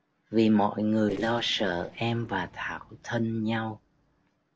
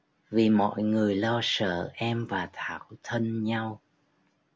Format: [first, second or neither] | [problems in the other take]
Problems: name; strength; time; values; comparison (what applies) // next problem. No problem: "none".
second | noise reduction (neural separator model SepFormer DNS4)